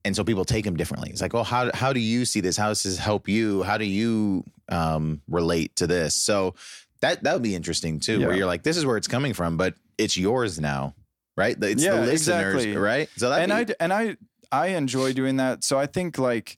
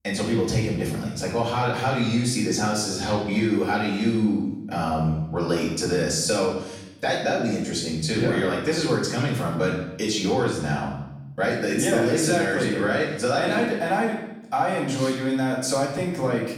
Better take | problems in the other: first | off-mic speech; far // room echo; noticeable; dies away in 0.8 s

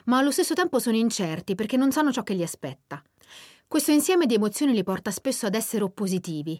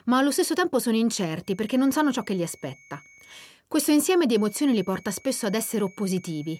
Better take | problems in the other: first | high-pitched whine; faint; from 1.5 to 3.5 s and from 4.5 s on; 2.5 kHz, 25 dB below the speech

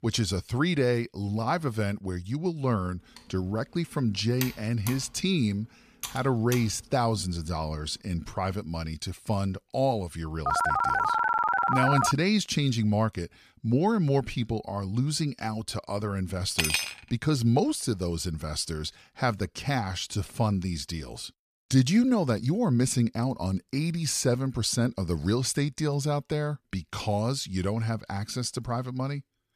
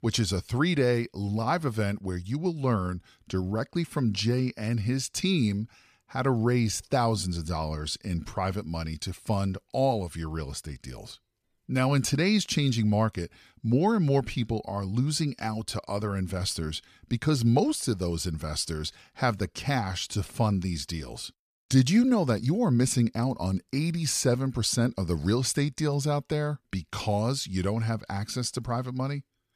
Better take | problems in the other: second | keyboard typing; noticeable; from 3 to 6.5 s; peak 8 dB below the speech // phone ringing; loud; from 10 to 12 s; peak 4 dB above the speech // clattering dishes; loud; at 17 s; peak 3 dB above the speech

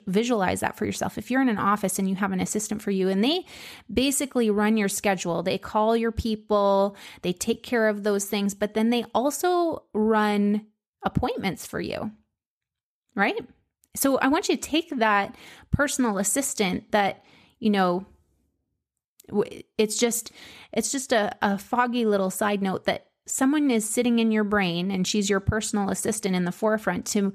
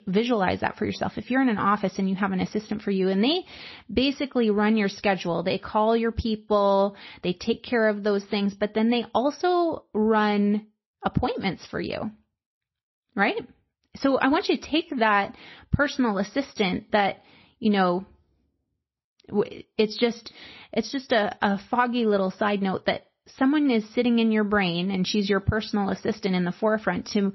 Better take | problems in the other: first | garbled, watery; slightly; nothing above 5.5 kHz

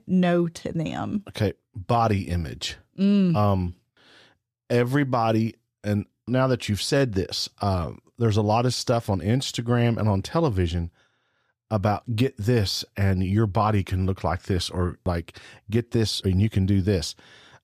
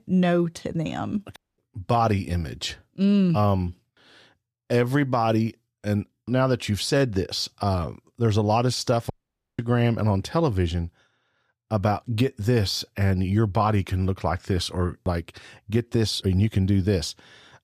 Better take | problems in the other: first | audio cutting out; at 1.5 s and at 9 s

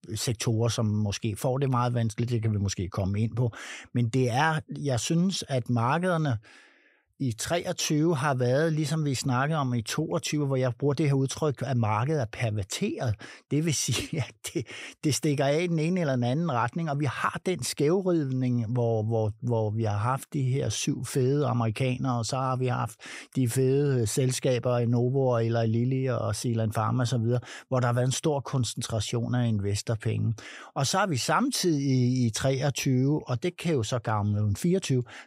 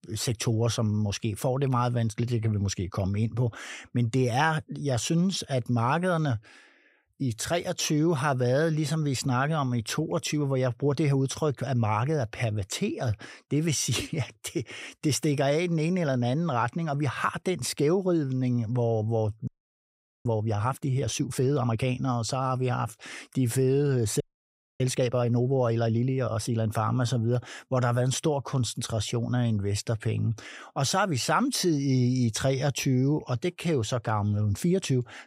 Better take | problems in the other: first | audio freezing; at 19 s for 1 s and at 24 s for 0.5 s

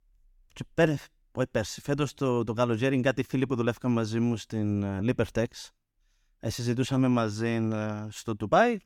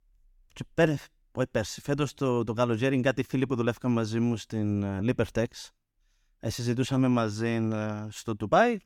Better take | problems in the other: neither | none

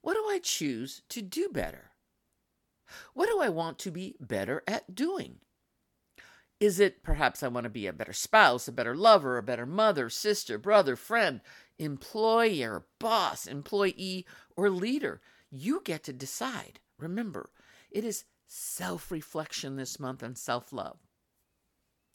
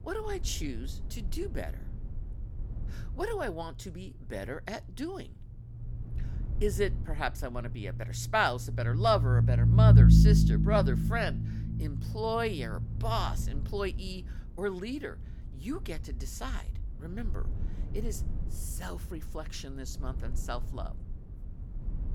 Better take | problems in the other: first | low rumble; loud; throughout; 6 dB below the speech

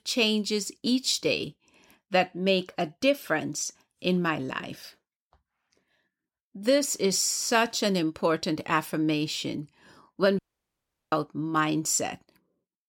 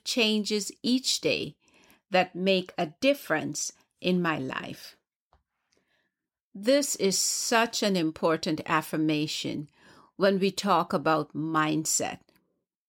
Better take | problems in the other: second | audio cutting out; at 10 s for 0.5 s

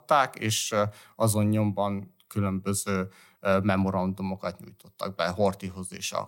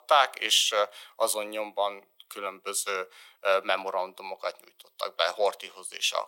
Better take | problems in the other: first | thin; very; fading below 450 Hz

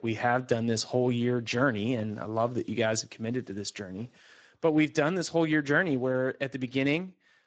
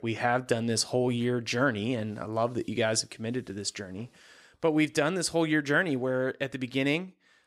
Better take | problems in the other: second | garbled, watery; slightly; nothing above 7.5 kHz

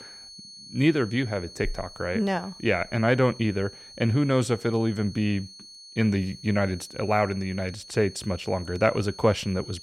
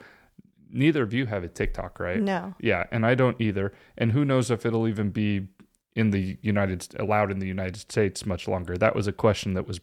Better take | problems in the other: second | high-pitched whine; noticeable; throughout; 4.5 kHz, 15 dB below the speech

